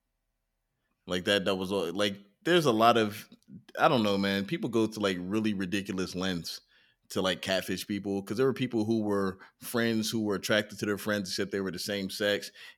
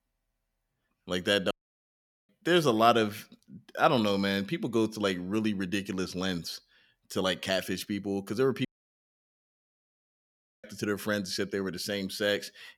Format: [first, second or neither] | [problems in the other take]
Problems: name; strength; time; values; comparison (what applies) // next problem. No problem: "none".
first | audio cutting out; at 1.5 s for 1 s and at 8.5 s for 2 s